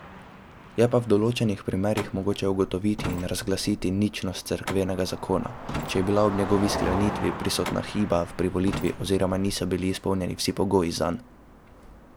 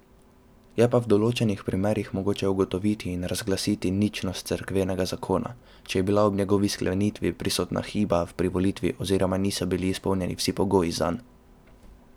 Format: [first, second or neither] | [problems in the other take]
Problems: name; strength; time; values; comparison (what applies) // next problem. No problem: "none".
second | background sound (Truck + Car passing by); 10 dB below the speech